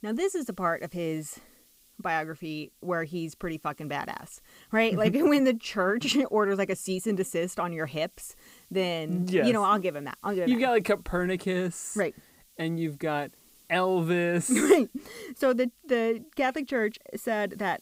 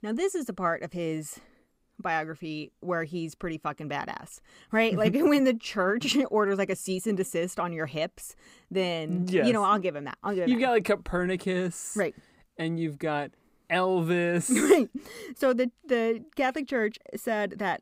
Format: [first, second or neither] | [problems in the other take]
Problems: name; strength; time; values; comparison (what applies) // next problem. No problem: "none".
second | hiss; faint; throughout; 30 dB below the speech